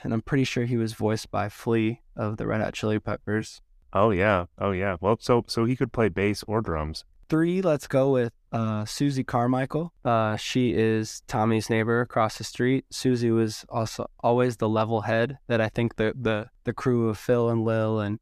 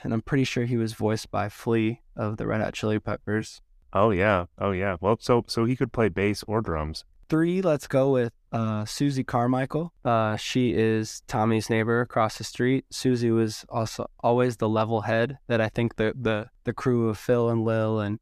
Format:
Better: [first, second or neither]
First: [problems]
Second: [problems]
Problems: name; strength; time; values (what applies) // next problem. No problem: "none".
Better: neither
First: none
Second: none